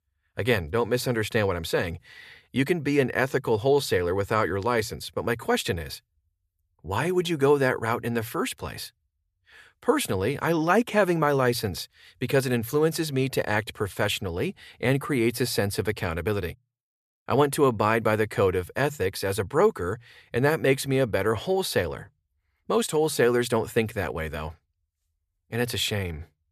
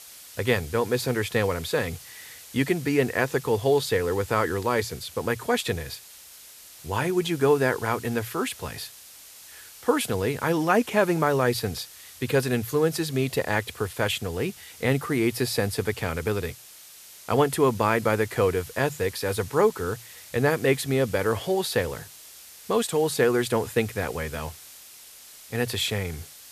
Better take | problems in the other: first | hiss; noticeable; throughout; 20 dB below the speech

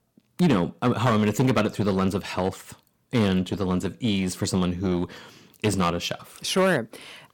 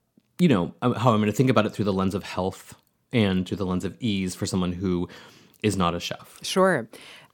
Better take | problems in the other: second | distortion; slight; 7% of the sound clipped

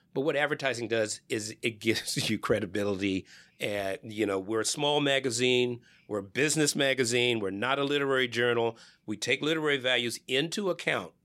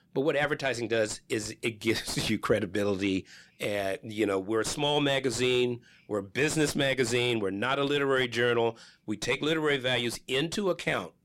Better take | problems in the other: first | distortion; slight; 10 dB below the speech

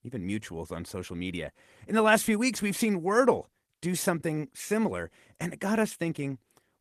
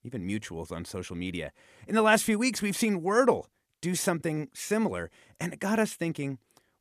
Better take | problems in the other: second | garbled, watery; slightly; nothing above 14 kHz

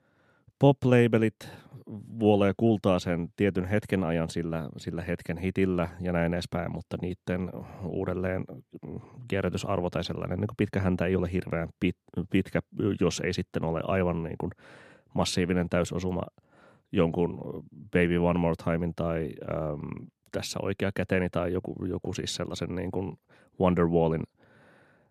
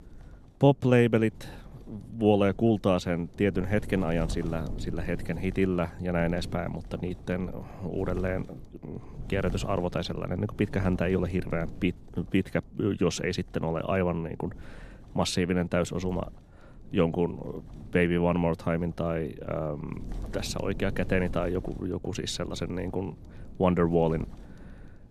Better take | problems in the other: first | wind noise on the microphone; occasional gusts; 20 dB below the speech

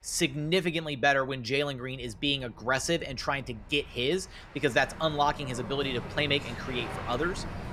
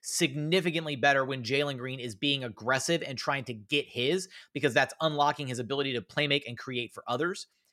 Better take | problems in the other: second | train or aircraft noise; noticeable; throughout; 15 dB below the speech

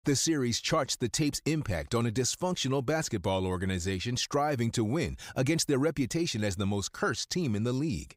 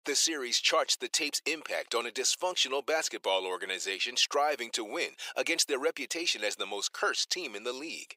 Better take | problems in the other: first | thin; very; fading below 450 Hz

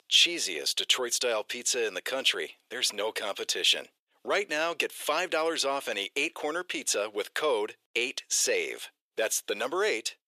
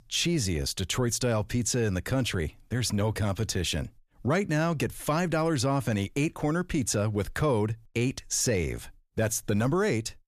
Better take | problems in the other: second | thin; very; fading below 400 Hz

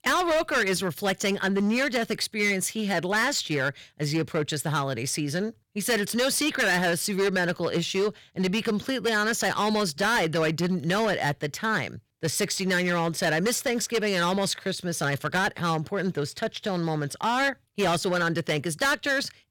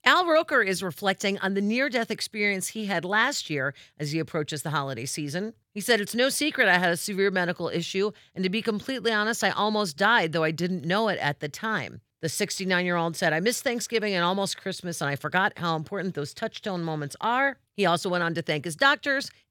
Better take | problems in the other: second | distortion; heavy; 13% of the sound clipped

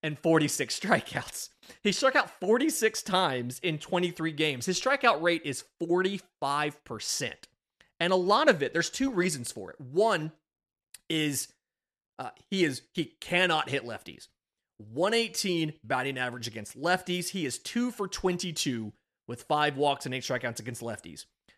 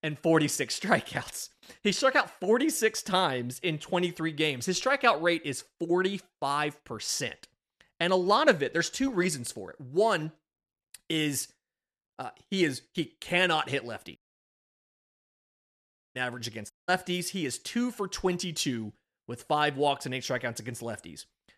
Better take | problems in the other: first | audio cutting out; at 14 s for 2 s and at 17 s

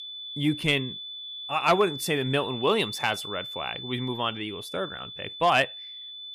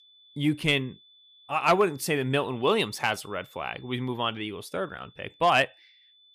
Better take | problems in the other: second | high-pitched whine; loud; throughout; 3.5 kHz, 9 dB below the speech; faint in the second

